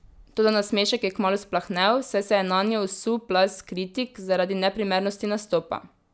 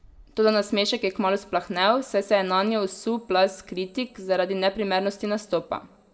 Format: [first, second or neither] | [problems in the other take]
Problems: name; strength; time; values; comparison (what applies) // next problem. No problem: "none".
first | room echo; dies away in 0.3 s